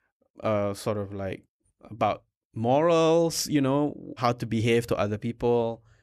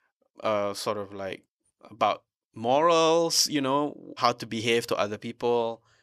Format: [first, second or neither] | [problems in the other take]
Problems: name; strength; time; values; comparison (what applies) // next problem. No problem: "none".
first | thin; very slightly; fading below 850 Hz